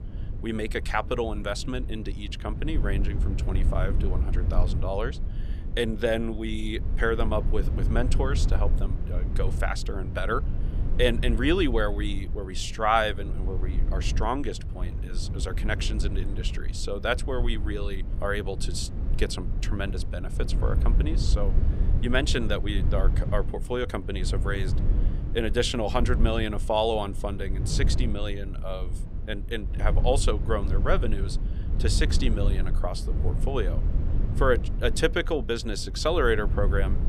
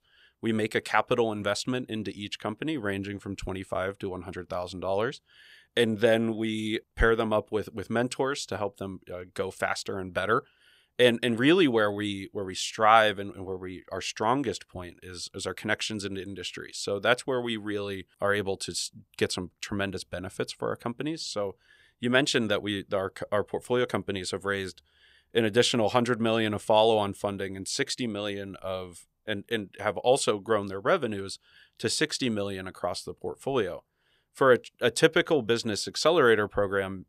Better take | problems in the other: second | low rumble; noticeable; throughout; 15 dB below the speech

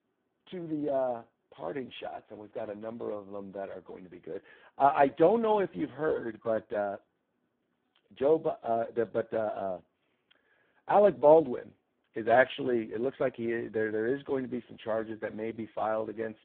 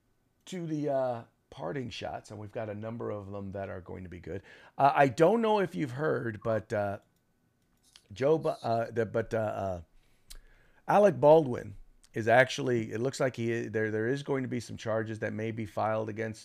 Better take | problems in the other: second | phone-call audio; poor line

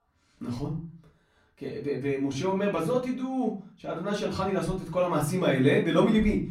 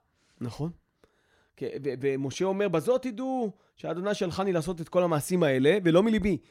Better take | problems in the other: second | off-mic speech; far // room echo; slight; dies away in 0.4 s

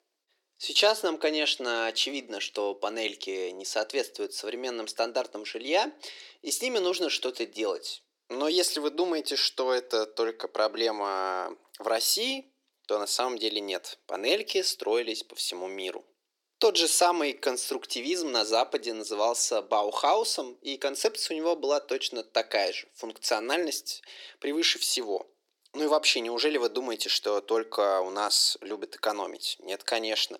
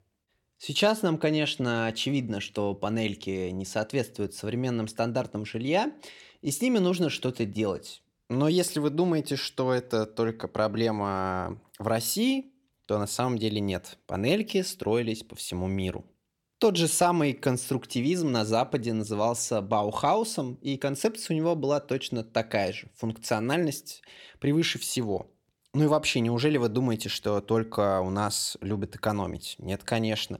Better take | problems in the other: second | thin; very; fading below 350 Hz

